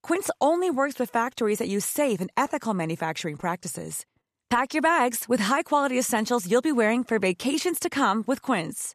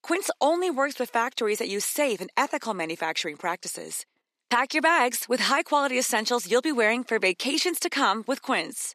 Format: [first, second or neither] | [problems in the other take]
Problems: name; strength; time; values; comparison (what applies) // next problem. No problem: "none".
first | thin; very slightly; fading below 300 Hz